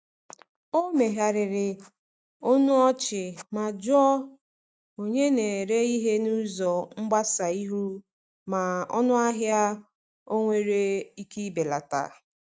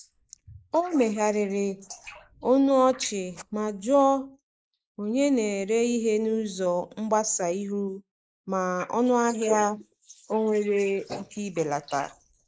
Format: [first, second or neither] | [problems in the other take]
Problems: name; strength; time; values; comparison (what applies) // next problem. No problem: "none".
first | noise reduction (neural mask model Resemble Enhance denoiser)